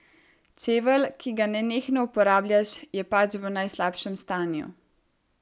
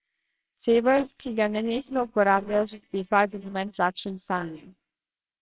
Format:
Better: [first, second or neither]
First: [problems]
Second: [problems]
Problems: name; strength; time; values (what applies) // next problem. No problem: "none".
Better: first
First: none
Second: noise reduction (neural separator model SepFormer WHAMR!)